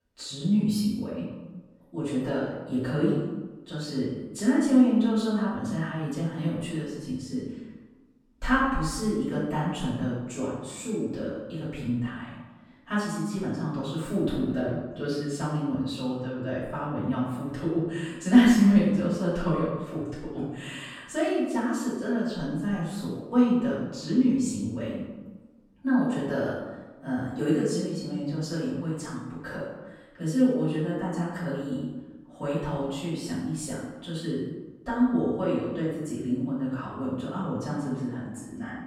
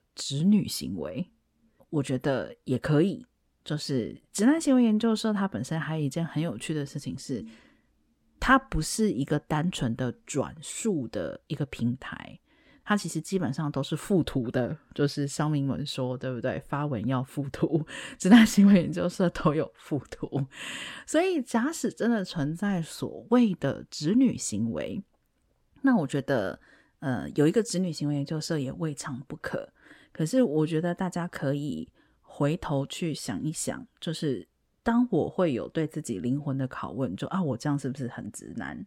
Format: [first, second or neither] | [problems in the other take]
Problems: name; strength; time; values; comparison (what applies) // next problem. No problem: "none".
second | off-mic speech; far // room echo; noticeable; dies away in 1 s